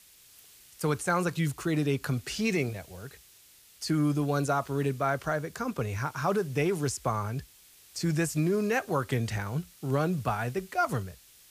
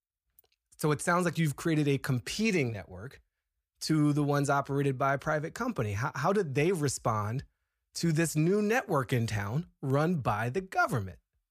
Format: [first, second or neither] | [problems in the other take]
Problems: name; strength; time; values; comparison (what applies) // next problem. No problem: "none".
second | hiss; faint; throughout; 25 dB below the speech